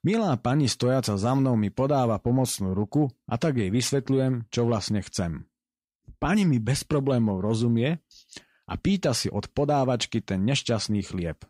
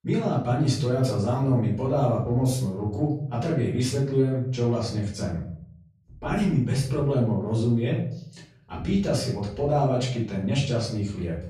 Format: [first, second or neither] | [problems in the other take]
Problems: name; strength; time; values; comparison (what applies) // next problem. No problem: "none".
first | off-mic speech; far // room echo; noticeable; dies away in 0.7 s